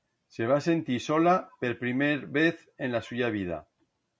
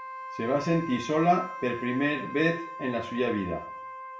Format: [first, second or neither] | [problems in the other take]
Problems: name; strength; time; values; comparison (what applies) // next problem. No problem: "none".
first | background sound (Wind instrument, woodwind instrument); 11 dB below the speech // room echo; dies away in 0.4 s